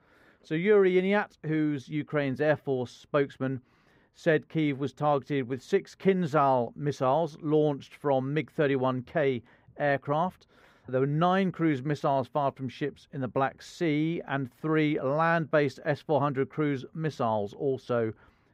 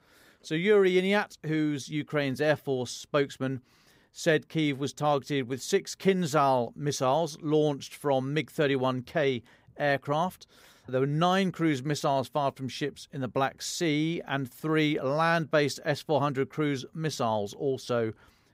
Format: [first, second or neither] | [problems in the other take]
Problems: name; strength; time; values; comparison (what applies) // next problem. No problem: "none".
second | muffled; slightly; fading above 3.5 kHz